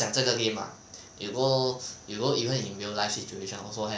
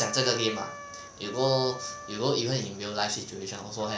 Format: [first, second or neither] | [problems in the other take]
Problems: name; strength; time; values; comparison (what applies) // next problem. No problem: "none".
first | background sound (Trumpet); 13 dB below the speech